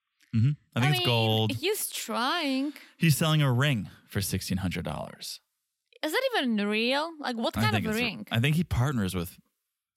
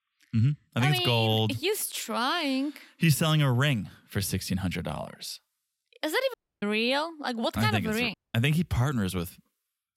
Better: first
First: none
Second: audio cutting out; at 6.5 s and at 8 s

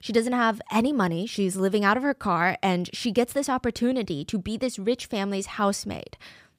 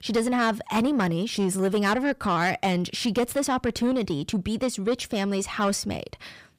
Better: first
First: none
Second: distortion; slight; 10 dB below the speech

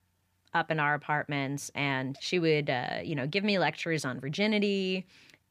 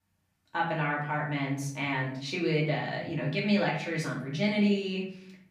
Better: first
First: none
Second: off-mic speech; far // room echo; slight; dies away in 0.5 s

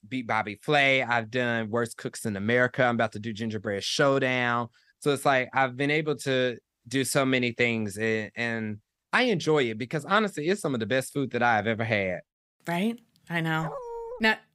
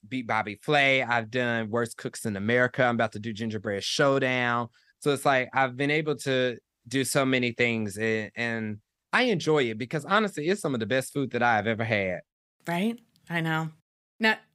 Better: second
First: dog barking; faint; at 14 s; peak 10 dB below the speech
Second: none

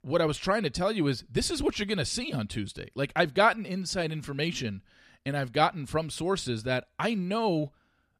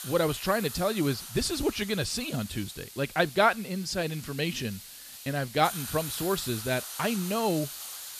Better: first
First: none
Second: hiss; loud; throughout; 10 dB below the speech

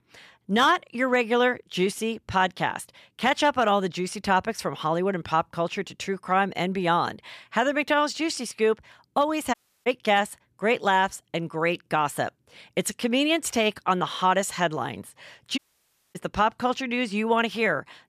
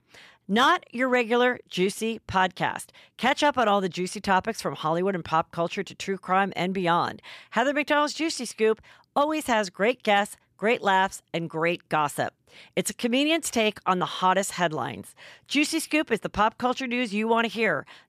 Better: second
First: audio cutting out; at 9.5 s and at 16 s for 0.5 s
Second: none

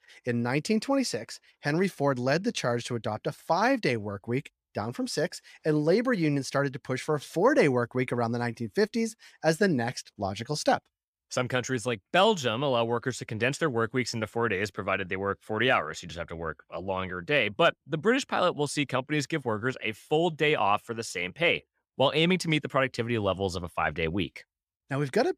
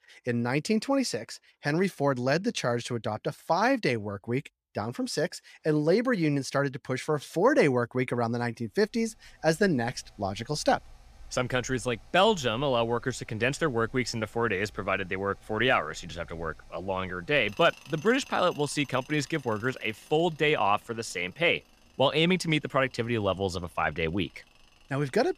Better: first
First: none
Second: machinery noise; faint; from 9 s on; 25 dB below the speech

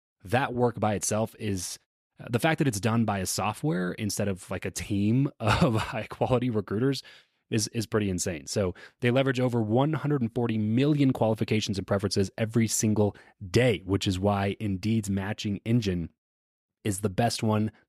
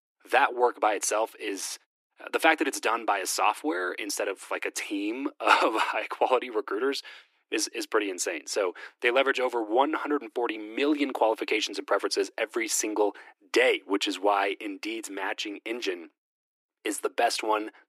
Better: first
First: none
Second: thin; very; fading below 300 Hz

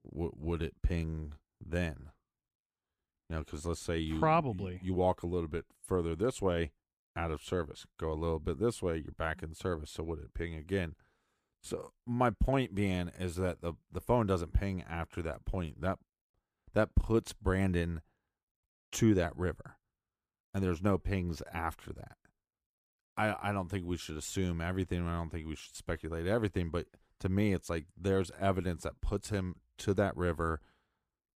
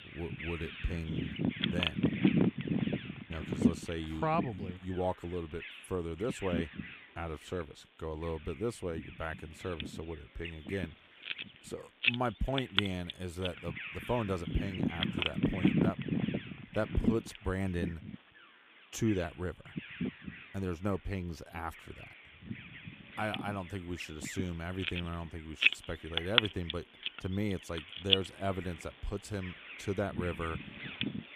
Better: first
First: none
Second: animal sounds; very loud; throughout; 3 dB above the speech

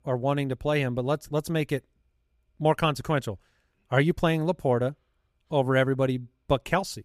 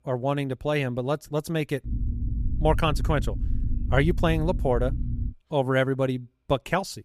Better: first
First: none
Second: low rumble; noticeable; from 2 to 5.5 s; 20 dB below the speech

